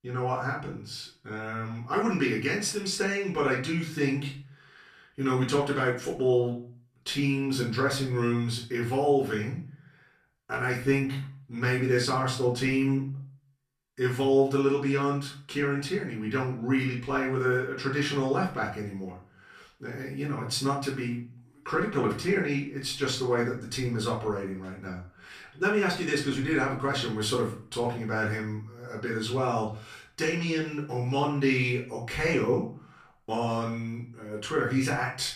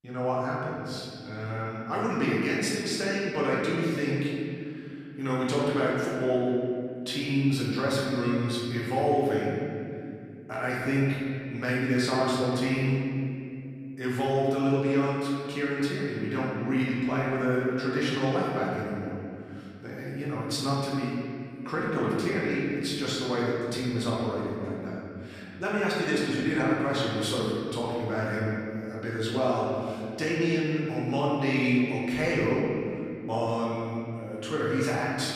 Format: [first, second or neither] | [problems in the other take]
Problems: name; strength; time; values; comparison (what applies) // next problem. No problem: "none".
first | room echo; strong; dies away in 2.6 s; slight in the first // off-mic speech; far; far in the first